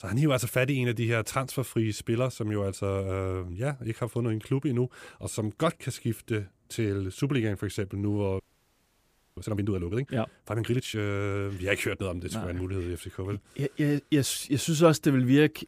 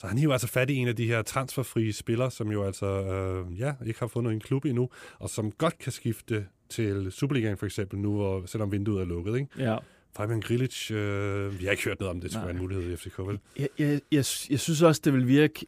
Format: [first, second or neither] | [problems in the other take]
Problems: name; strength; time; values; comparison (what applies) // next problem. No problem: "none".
second | audio freezing; at 8.5 s for 1 s